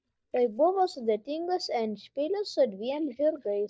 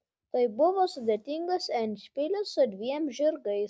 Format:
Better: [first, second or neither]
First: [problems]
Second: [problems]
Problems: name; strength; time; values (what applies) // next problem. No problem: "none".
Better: second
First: noise reduction (neural mask model DeepFilterNet 3)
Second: none